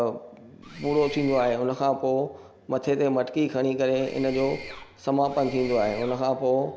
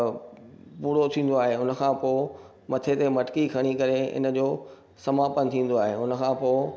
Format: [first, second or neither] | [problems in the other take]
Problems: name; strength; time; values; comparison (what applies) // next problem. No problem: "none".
second | background sound (Mechanisms); 16 dB below the speech